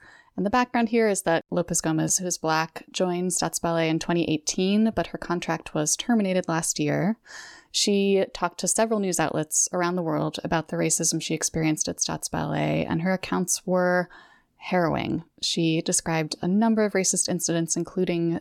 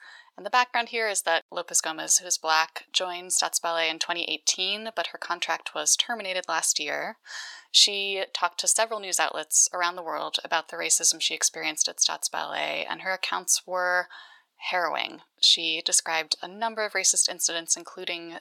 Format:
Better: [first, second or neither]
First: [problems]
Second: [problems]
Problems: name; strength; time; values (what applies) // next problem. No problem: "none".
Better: first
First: none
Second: thin; very; fading below 950 Hz